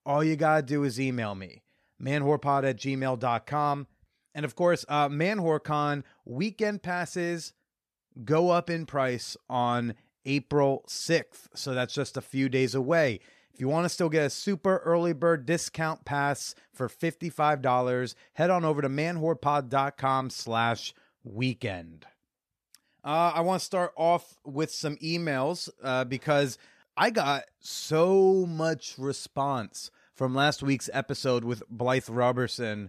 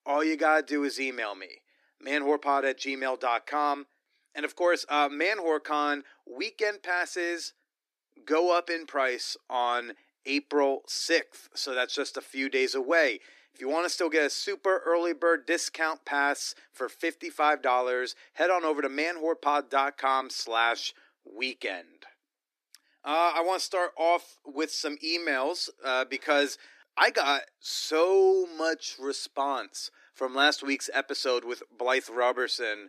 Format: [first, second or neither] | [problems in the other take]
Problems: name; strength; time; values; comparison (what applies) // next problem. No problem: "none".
first | thin; somewhat; fading below 300 Hz